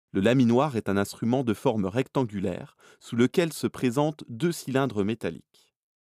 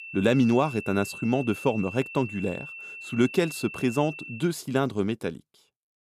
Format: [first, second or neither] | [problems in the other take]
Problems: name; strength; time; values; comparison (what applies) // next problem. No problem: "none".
first | high-pitched whine; noticeable; until 4.5 s; 2.5 kHz, 10 dB below the speech